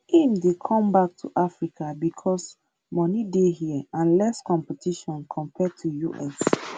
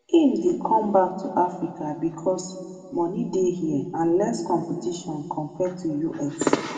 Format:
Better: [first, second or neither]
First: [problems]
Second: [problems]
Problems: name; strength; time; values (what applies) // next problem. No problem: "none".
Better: first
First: none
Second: room echo; dies away in 1.7 s